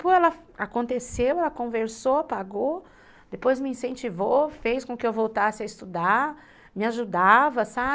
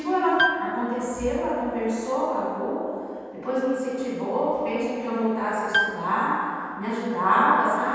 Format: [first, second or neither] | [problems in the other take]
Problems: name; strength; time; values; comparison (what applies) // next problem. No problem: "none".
first | background sound (Piano); 6 dB below the speech // room echo; dies away in 2.1 s